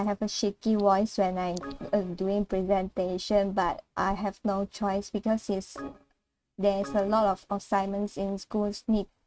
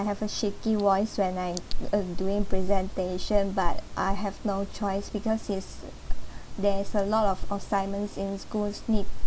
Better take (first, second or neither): second